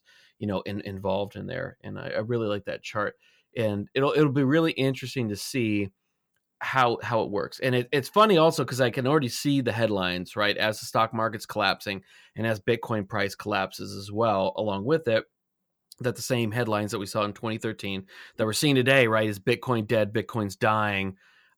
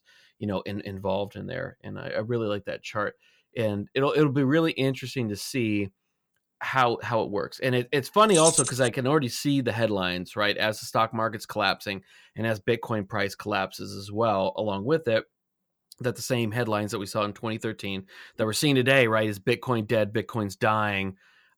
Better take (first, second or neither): first